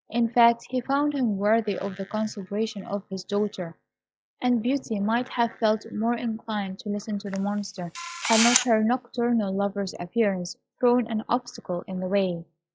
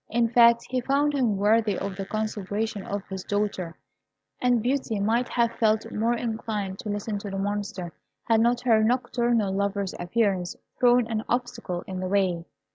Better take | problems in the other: second | noise reduction (classical method log-MMSE)

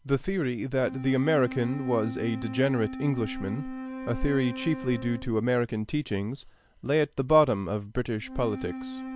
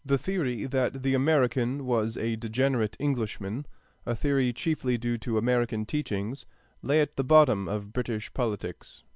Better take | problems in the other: second | background sound (Wind instrument, woodwind instrument); 11 dB below the speech

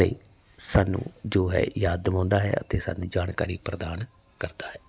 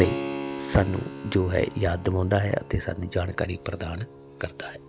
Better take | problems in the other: first | background sound (Keyboard (musical)); 10 dB below the speech

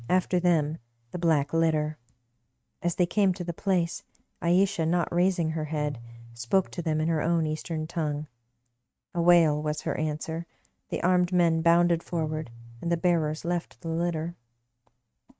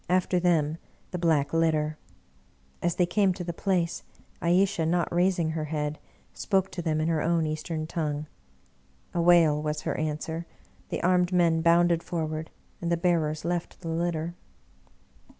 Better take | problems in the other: second | noise reduction (neural mask model RNNoise)

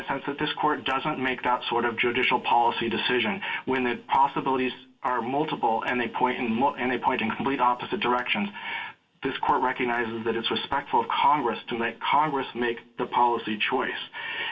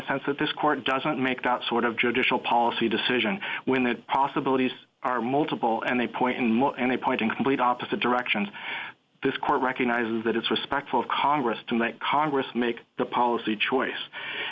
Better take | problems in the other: second | room echo; dies away in 0.2 s

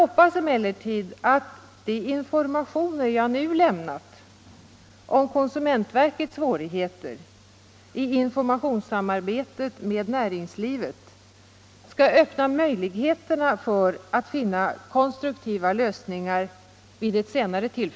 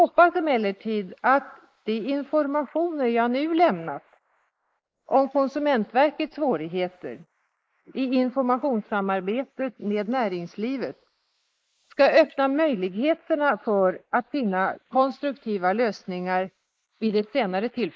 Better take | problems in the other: first | noise reduction (neural mask model Resemble Enhance denoiser)

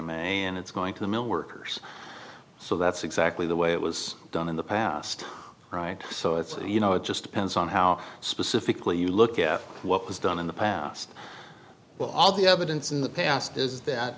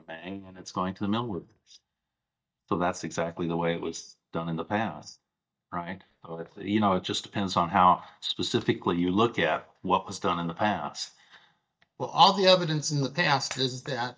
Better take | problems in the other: first | noise reduction (neural mask model DeepFilterNet 3)

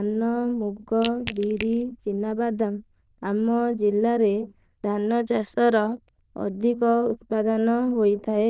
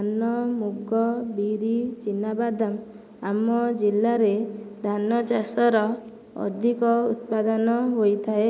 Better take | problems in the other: second | noise reduction (neural diffusion model UNIVERSE++)

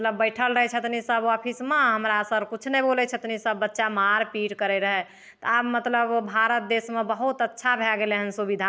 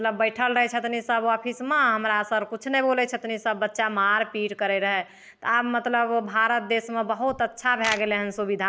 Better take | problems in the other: first | background sound (Camera); 13 dB below the speech

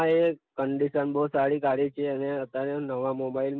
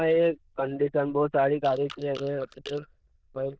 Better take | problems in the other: first | noise reduction (neural diffusion model UNIVERSE++)

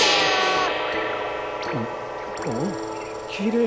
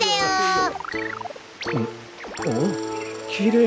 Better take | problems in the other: second | background sound (Gong); 1 dB above the speech

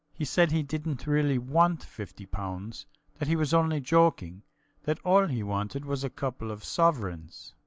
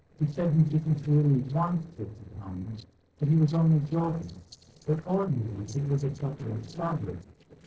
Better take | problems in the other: first | noise reduction (neural separator model SepFormer DNS4)

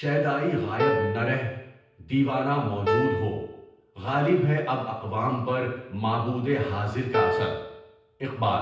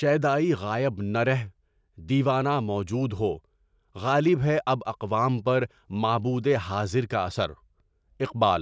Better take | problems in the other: second | background sound (Piano); 3 dB below the speech // room echo; dies away in 0.8 s

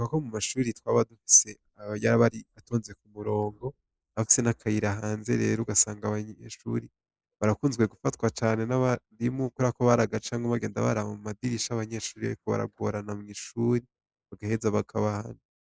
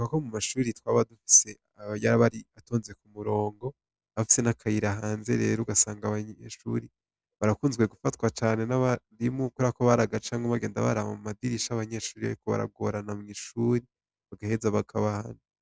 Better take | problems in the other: second | noise reduction (neural mask model Resemble Enhance denoiser)

